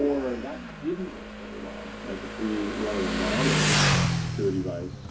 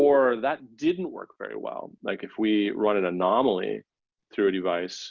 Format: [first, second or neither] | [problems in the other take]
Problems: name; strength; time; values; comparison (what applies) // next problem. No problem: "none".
second | background sound (Motorcycle); 3 dB above the speech // room echo; dies away in 0.4 s